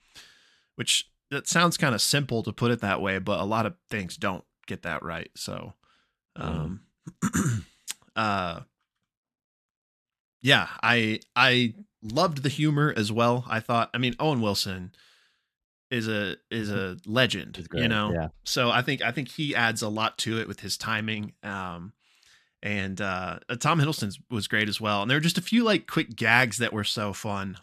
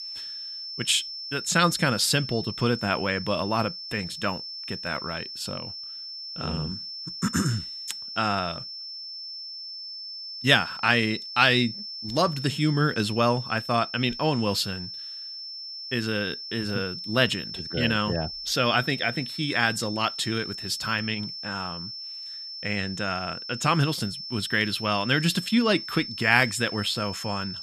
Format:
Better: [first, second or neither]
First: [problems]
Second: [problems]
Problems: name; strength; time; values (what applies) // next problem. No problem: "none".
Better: first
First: none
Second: high-pitched whine; loud; throughout; 5.5 kHz, 9 dB below the speech